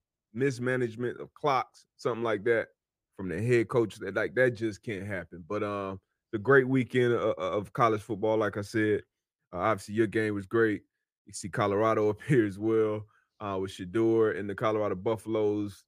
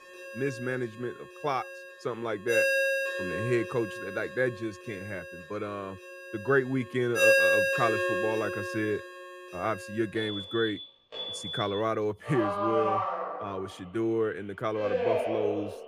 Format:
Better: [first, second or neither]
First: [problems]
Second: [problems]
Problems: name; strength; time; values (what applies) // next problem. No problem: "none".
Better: first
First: none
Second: alarms or sirens; very loud; throughout; 3 dB above the speech